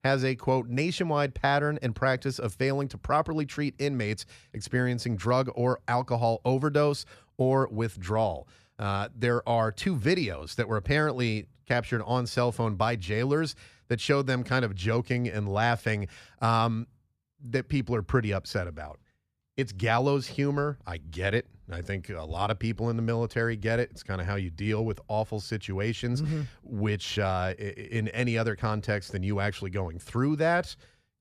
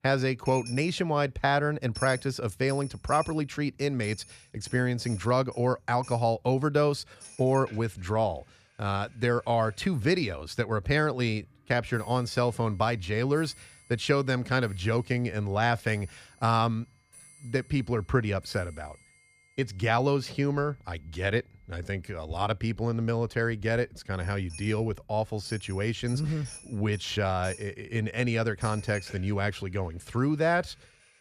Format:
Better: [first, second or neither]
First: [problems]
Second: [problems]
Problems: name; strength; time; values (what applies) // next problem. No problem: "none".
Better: first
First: none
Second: household noises; noticeable; throughout; 20 dB below the speech